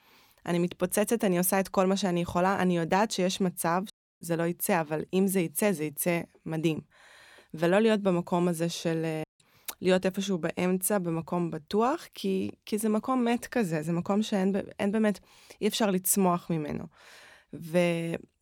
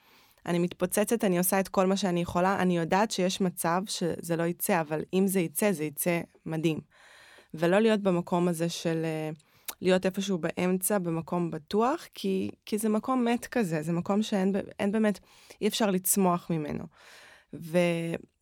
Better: second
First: audio cutting out; at 4 s and at 9 s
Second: none

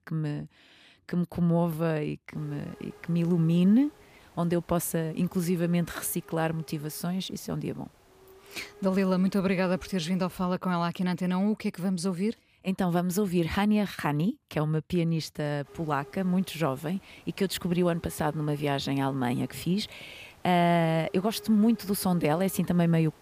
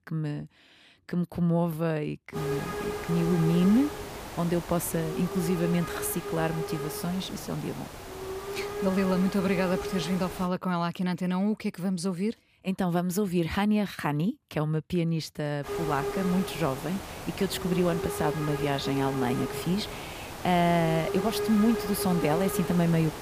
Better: first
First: hiss; faint; from 2.5 to 10 s and from 16 s on; 25 dB below the speech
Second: hiss; loud; from 2.5 to 10 s and from 16 s on; 7 dB below the speech

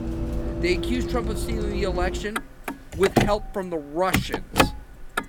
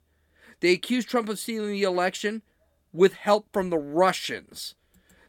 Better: second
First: traffic noise; very loud; throughout; 1 dB above the speech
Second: none

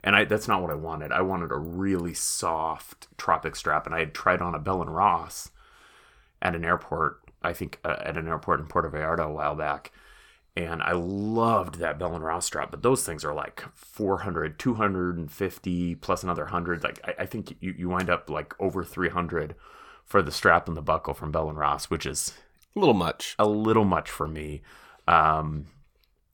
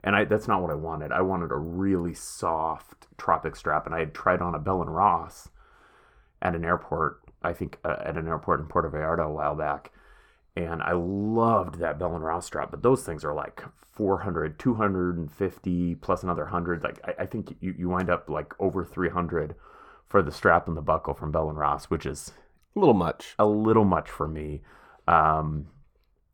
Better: first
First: none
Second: muffled; slightly; fading above 2 kHz

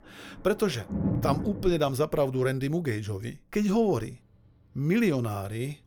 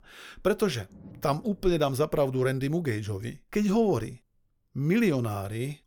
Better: second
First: rain or running water; loud; throughout; 5 dB below the speech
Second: rain or running water; faint; throughout; 25 dB below the speech

